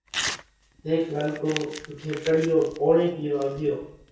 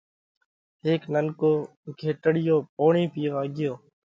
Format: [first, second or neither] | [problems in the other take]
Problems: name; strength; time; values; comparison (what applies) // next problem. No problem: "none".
second | background sound (Crumpling, crinkling / Tearing); 12 dB below the speech // room echo; dies away in 0.6 s